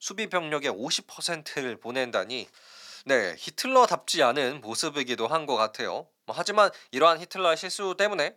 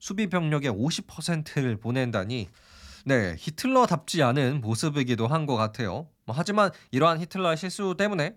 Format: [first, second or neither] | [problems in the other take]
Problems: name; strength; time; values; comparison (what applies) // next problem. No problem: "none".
second | thin; somewhat; fading below 500 Hz